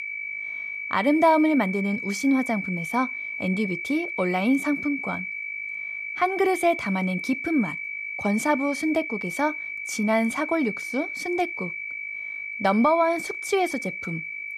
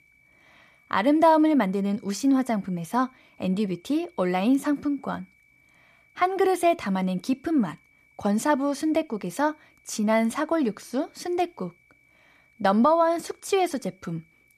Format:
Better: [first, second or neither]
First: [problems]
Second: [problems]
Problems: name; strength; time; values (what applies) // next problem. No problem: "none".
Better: second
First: high-pitched whine; loud; throughout; 2.5 kHz, 5 dB below the speech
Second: high-pitched whine; faint; throughout; 2.5 kHz, 35 dB below the speech